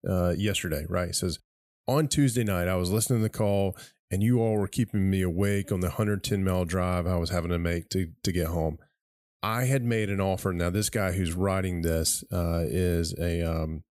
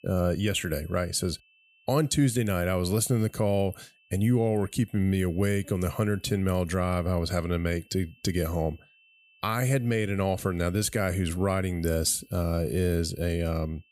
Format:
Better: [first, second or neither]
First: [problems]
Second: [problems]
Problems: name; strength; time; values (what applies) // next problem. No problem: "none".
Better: first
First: none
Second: high-pitched whine; faint; throughout; 2.5 kHz, 30 dB below the speech